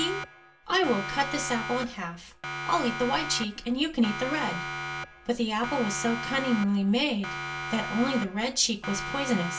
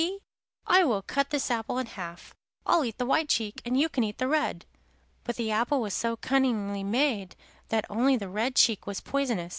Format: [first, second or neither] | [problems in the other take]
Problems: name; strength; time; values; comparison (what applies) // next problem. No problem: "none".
second | background sound (Siren); 7 dB below the speech // room echo; dies away in 0.2 s